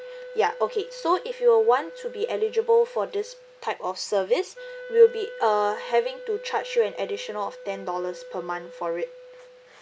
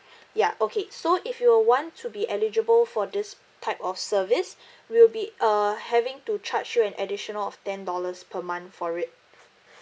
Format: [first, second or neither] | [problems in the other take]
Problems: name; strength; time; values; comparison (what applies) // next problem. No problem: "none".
second | background sound (Wind instrument, woodwind instrument); 15 dB below the speech